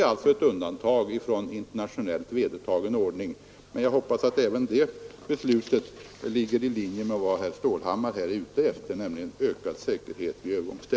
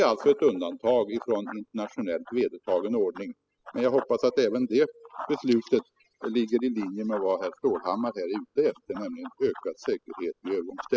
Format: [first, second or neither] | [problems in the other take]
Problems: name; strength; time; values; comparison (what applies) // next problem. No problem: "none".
first | noise reduction (classical method spectral subtraction)